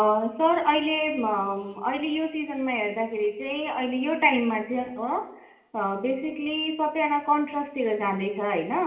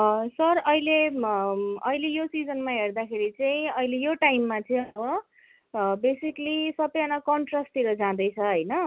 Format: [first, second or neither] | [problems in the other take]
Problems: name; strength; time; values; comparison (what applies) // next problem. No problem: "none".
second | room echo; dies away in 0.8 s